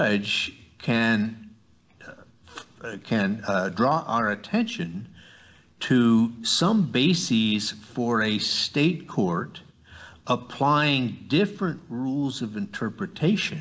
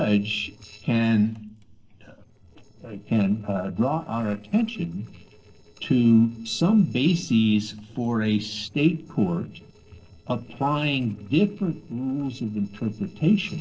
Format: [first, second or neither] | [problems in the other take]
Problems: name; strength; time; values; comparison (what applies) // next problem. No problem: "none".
first | noise reduction (neural separator model SepFormer DNS4)